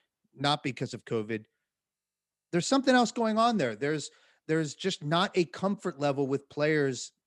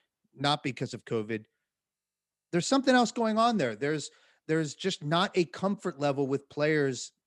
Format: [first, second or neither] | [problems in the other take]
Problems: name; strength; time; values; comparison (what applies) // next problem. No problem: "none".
neither | none